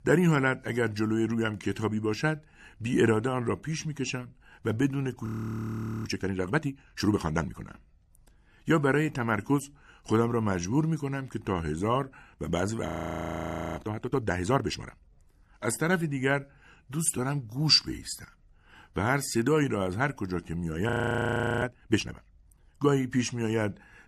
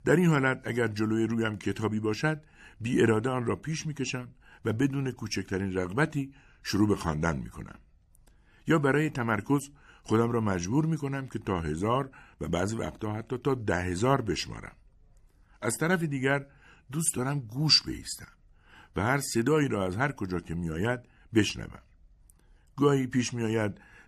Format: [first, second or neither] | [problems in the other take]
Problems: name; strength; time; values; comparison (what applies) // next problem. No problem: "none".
second | audio freezing; at 5.5 s for 1 s, at 13 s for 1 s and at 21 s for 0.5 s